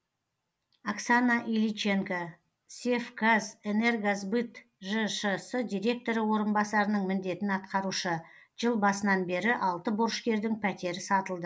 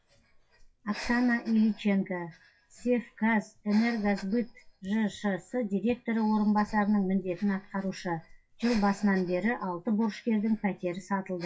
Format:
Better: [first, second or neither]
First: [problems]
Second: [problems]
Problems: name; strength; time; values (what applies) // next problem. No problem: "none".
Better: first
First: none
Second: noise reduction (classical method WPE with log-MMSE)